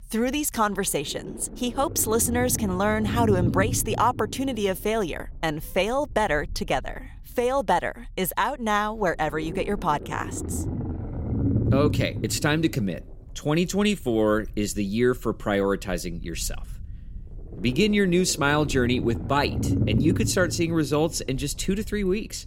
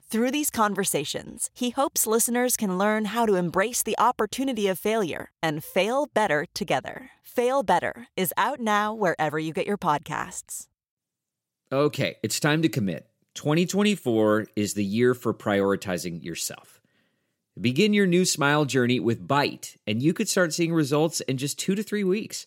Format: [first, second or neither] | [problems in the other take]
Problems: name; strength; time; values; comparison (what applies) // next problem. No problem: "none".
second | low rumble; noticeable; throughout; 10 dB below the speech